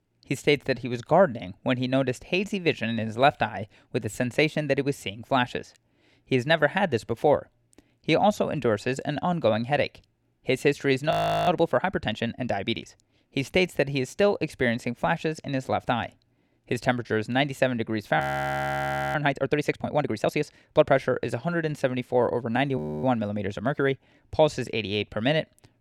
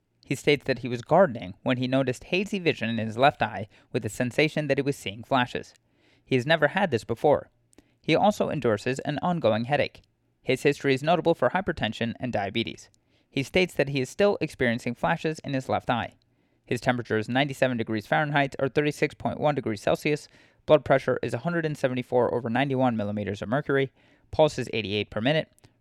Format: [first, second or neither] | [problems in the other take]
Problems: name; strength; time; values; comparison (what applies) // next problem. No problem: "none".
second | audio freezing; at 11 s, at 18 s for 1 s and at 23 s